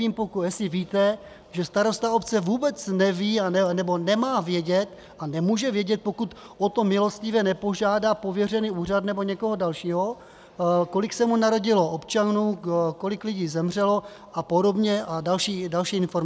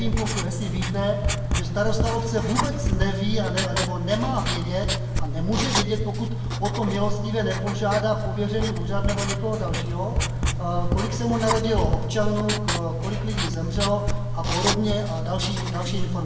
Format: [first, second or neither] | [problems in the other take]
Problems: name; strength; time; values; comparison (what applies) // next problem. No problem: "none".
first | background sound (Writing); 2 dB above the speech // room echo; dies away in 1.1 s